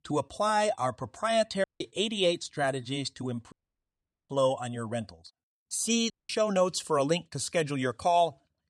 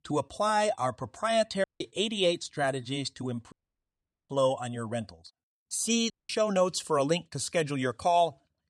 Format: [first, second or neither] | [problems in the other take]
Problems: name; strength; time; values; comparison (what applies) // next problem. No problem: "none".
neither | audio cutting out; at 1.5 s, at 3.5 s for 1 s and at 6 s; the same in both